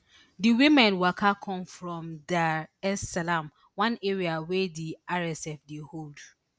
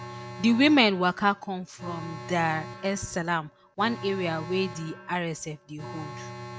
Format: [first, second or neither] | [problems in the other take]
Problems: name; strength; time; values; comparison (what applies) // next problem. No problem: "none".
first | background sound (Alarm); 14 dB below the speech